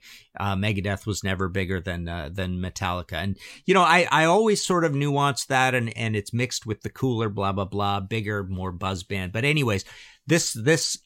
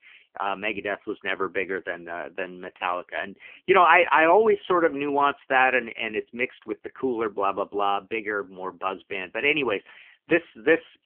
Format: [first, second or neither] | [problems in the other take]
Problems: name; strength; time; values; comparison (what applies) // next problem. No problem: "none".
first | phone-call audio; poor line; nothing above 3 kHz